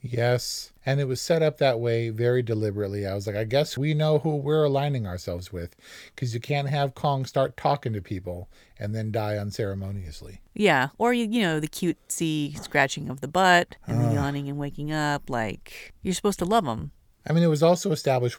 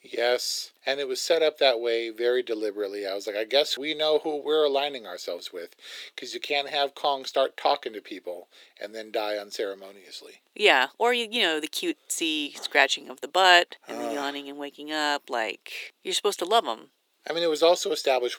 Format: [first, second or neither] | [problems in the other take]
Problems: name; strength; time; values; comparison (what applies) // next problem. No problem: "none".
first | thin; very; fading below 300 Hz